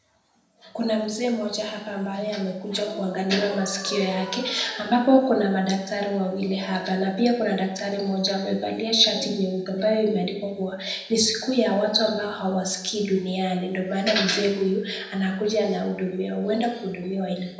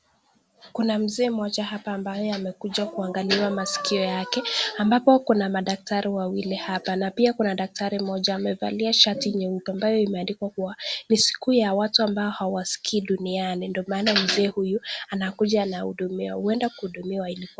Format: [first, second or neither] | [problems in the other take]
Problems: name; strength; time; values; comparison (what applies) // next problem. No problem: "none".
second | room echo; dies away in 0.8 s